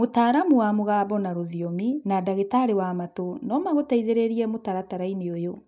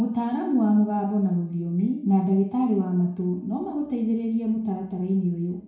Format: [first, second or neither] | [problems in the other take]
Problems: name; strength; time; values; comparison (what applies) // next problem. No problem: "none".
first | room echo; dies away in 0.6 s